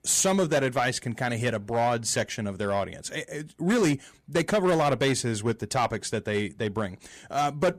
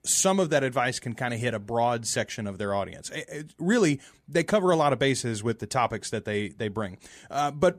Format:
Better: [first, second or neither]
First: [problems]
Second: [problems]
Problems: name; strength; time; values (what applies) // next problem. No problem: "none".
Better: second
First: distortion; slight; 6% of the sound clipped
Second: none